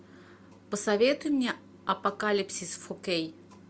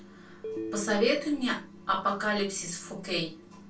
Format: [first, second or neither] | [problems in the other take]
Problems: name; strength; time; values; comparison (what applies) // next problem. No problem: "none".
first | background sound (Telephone); 10 dB below the speech // room echo; dies away in 0.2 s